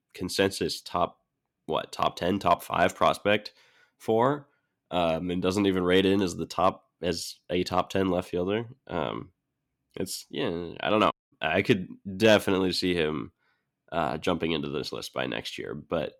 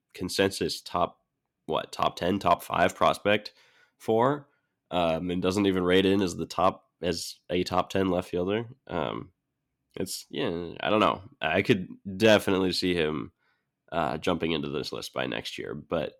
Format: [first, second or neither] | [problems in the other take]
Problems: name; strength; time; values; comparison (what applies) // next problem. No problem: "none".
second | audio cutting out; at 11 s